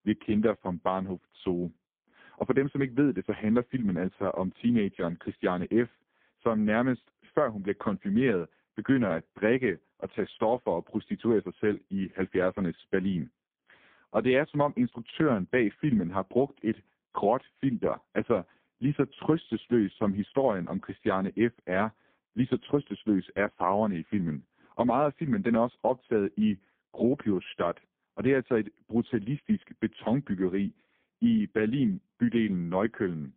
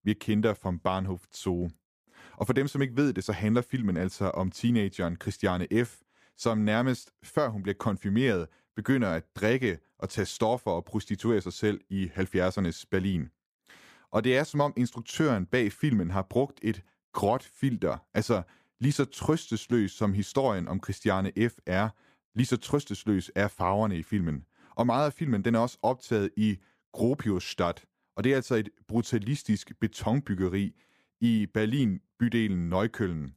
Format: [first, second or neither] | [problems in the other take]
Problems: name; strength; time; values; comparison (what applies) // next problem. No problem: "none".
second | phone-call audio; poor line